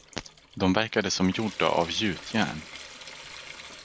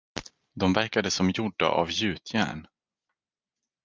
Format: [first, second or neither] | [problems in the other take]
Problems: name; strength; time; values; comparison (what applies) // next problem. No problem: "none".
second | background sound (Trickle, dribble / Sink (filling or washing) / Water tap, faucet); 16 dB below the speech